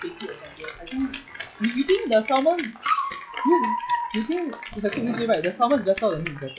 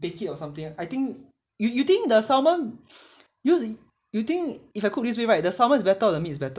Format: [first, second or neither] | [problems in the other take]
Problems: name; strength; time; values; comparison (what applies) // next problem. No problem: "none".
second | noise reduction (classical method log-MMSE)